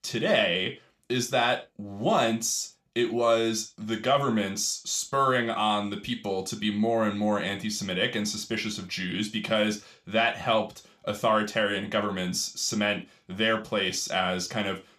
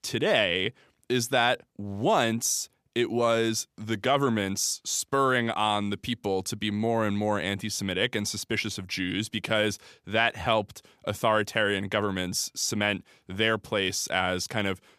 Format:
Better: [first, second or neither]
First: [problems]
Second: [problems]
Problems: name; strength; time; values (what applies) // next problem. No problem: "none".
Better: second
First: room echo; very slight; dies away in 0.3 s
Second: none